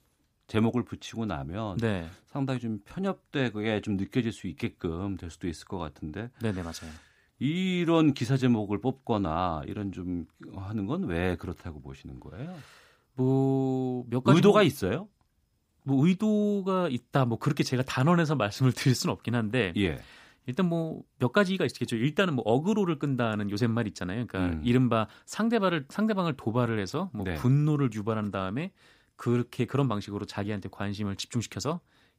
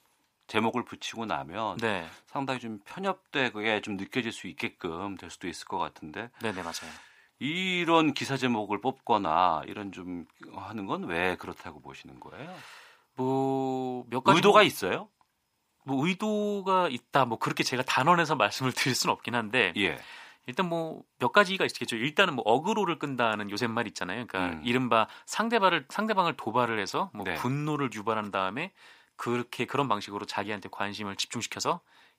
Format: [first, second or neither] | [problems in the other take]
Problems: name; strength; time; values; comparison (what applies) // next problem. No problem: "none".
first | thin; somewhat; fading below 600 Hz